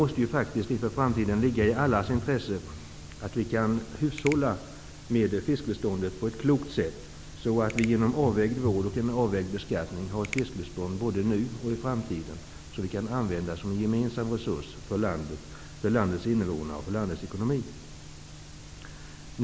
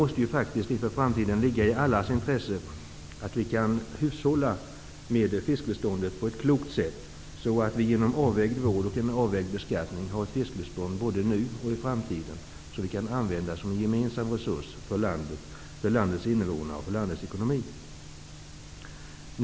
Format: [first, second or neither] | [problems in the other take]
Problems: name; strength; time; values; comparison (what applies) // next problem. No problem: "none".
second | background sound (Finger snapping); 15 dB below the speech